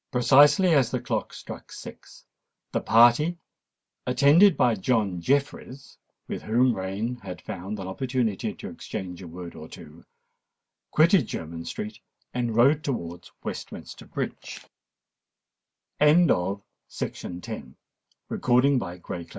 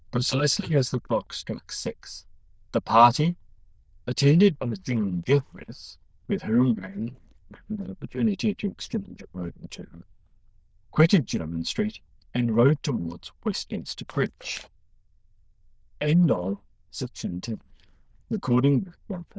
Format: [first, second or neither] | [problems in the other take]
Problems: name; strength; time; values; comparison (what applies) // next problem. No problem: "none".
first | noise reduction (neural diffusion model UNIVERSE++)